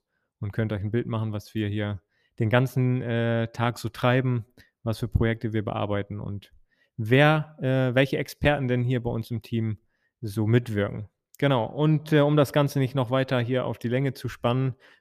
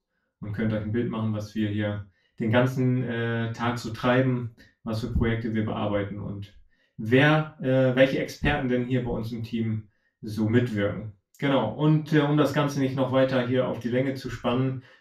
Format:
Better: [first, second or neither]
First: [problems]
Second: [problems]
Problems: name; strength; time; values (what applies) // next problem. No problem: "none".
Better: first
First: none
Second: room echo; slight; dies away in 0.3 s // off-mic speech; far